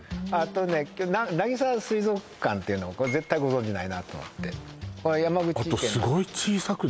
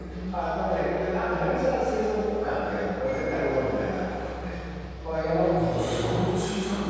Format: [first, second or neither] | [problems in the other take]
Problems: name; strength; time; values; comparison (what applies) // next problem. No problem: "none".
first | background sound (Musical instrument); 13 dB below the speech // room echo; dies away in 2.2 s